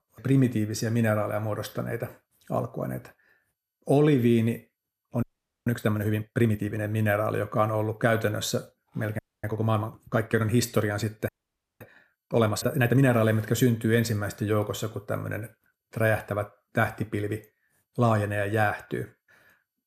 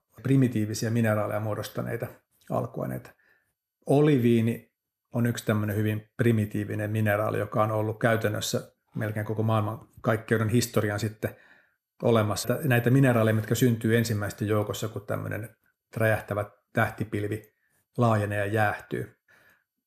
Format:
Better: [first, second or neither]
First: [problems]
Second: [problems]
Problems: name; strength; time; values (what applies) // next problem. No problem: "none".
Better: second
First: audio freezing; at 5 s, at 9 s and at 11 s for 0.5 s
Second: none